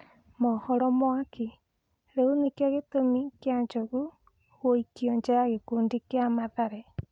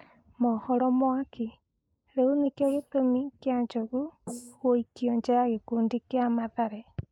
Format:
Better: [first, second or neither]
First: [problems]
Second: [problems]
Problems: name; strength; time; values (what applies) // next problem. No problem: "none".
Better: first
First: none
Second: noise reduction (neural mask model Resemble Enhance denoiser)